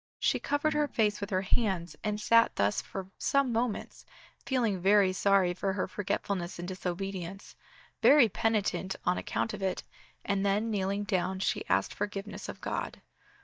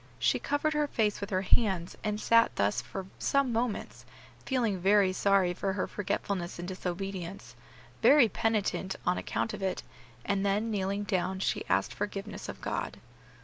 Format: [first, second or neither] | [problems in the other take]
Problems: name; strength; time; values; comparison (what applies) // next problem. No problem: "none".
second | noise reduction (neural mask model DeepFilterNet 3)